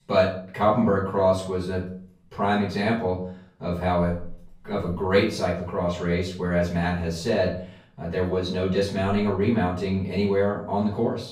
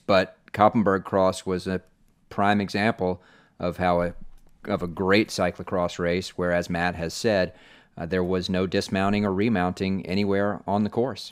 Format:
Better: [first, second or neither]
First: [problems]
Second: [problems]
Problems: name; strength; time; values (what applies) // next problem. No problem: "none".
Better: second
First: room echo; noticeable; dies away in 0.4 s // off-mic speech; far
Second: none